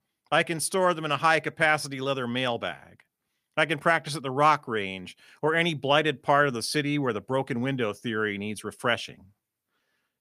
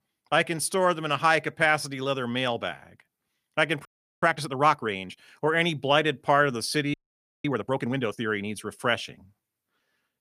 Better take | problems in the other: first | audio freezing; at 4 s and at 7 s for 0.5 s

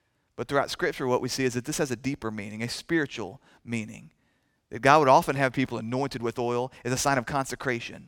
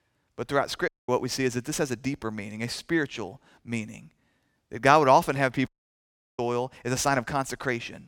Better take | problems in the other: first | audio cutting out; at 1 s and at 5.5 s for 0.5 s

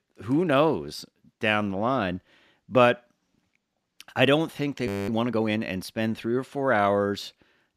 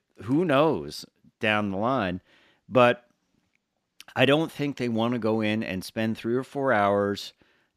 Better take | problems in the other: second | audio freezing; at 5 s

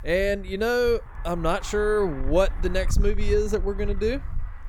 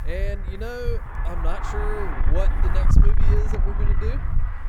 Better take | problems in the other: first | wind noise on the microphone; heavy; as loud as the speech; occasional gusts in the first

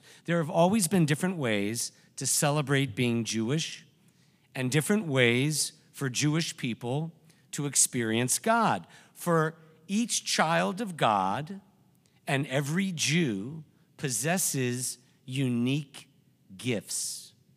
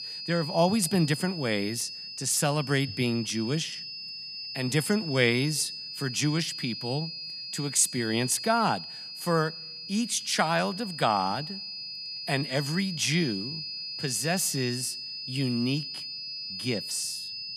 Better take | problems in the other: first | high-pitched whine; loud; throughout; 5 kHz, 7 dB below the speech

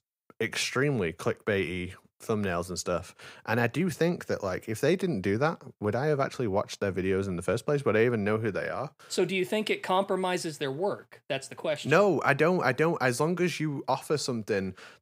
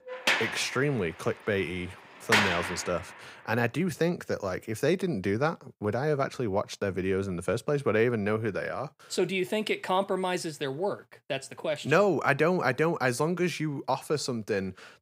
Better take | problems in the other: first | door banging; loud; until 3 s; peak 5 dB above the speech

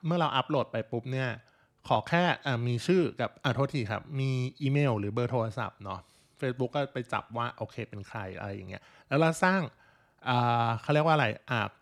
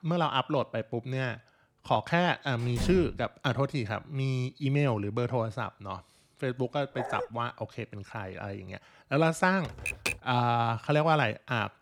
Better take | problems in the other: first | door banging; noticeable; at 2.5 s; peak 5 dB below the speech // dog barking; noticeable; at 7 s; peak 7 dB below the speech // keyboard typing; noticeable; at 9.5 s; peak 2 dB below the speech

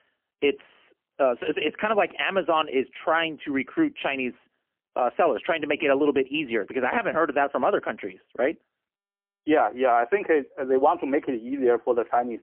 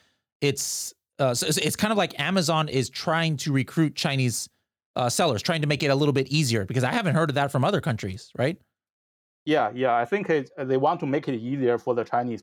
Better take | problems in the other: second | phone-call audio; poor line; nothing above 3 kHz

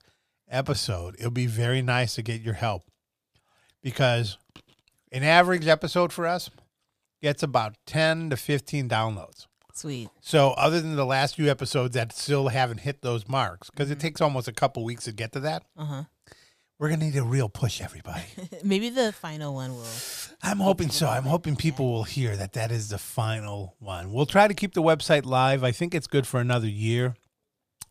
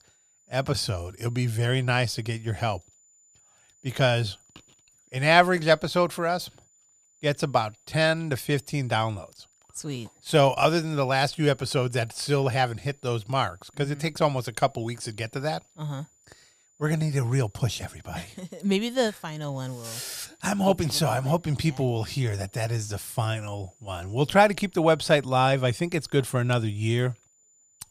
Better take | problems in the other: first | high-pitched whine; faint; throughout; 7 kHz, 35 dB below the speech

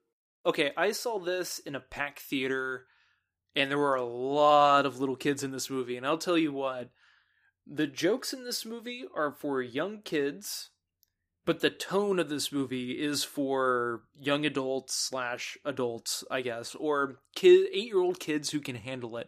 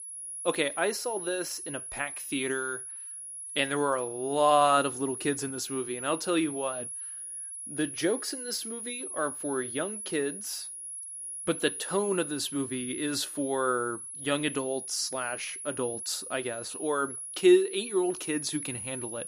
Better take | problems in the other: first | high-pitched whine; loud; throughout; 10.5 kHz, 6 dB below the speech

